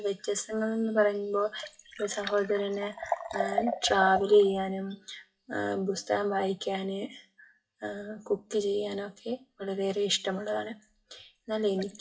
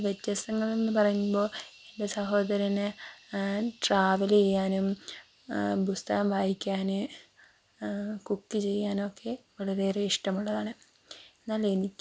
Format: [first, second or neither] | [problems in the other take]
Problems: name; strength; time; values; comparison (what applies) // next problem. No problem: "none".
second | noise reduction (classical method WPE with log-MMSE)